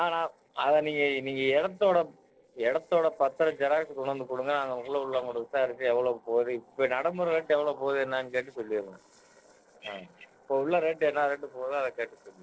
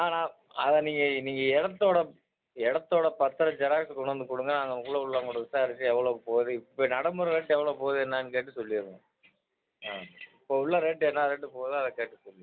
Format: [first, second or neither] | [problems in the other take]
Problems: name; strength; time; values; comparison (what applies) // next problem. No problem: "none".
second | noise reduction (neural separator model SepFormer DNS4)